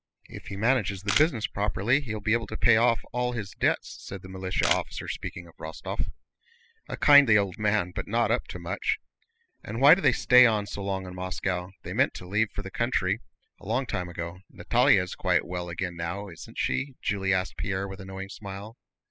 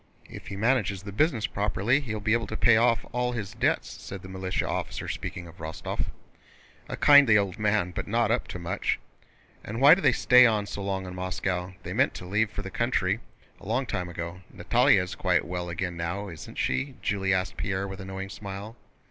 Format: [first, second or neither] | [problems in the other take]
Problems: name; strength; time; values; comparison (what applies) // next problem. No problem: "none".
second | noise reduction (classical method spectral subtraction)